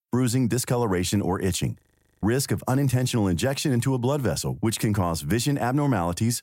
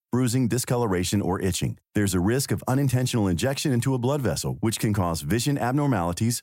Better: second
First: audio freezing; at 2 s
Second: none

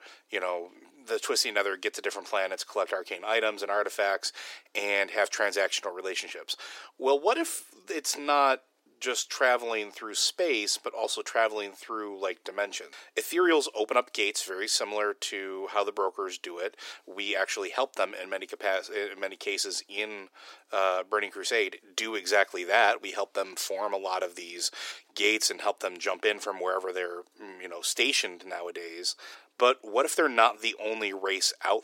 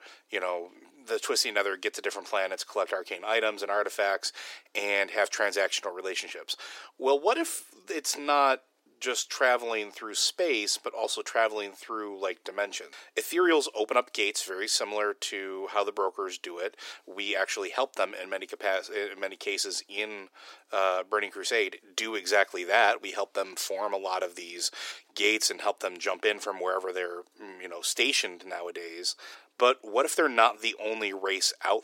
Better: neither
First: thin; very; fading below 350 Hz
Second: thin; very; fading below 350 Hz

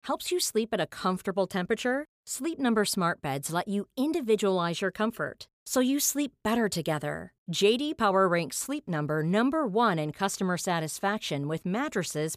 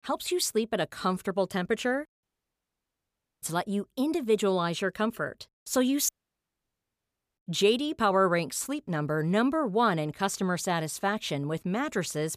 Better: first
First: none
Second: audio cutting out; at 2 s for 1 s and at 6 s for 1.5 s

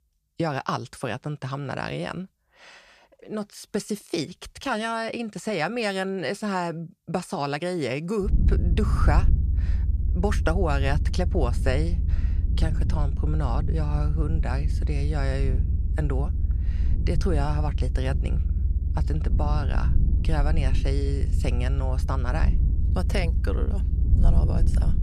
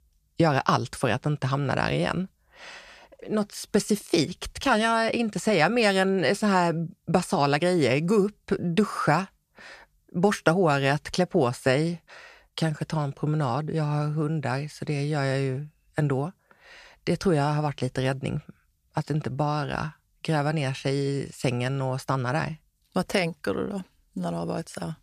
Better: second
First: low rumble; noticeable; from 8.5 s on; 10 dB below the speech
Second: none

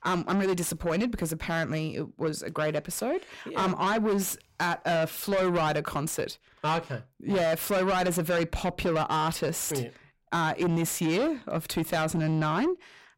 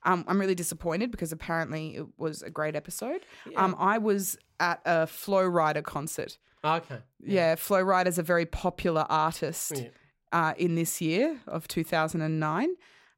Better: second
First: distortion; heavy; 7 dB below the speech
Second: none

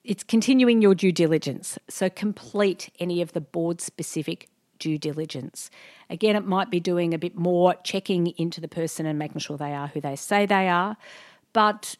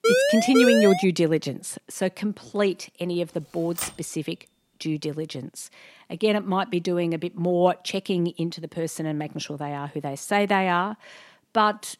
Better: first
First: none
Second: siren; loud; until 1 s; peak 5 dB above the speech // keyboard typing; noticeable; at 4 s; peak 7 dB below the speech

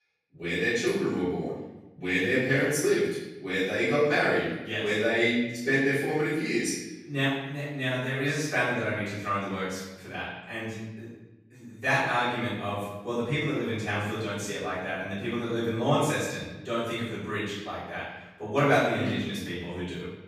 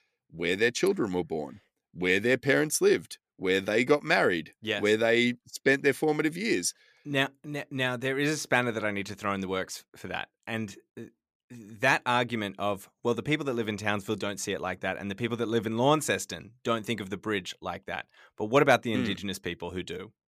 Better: second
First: off-mic speech; far // room echo; strong; dies away in 0.9 s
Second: none

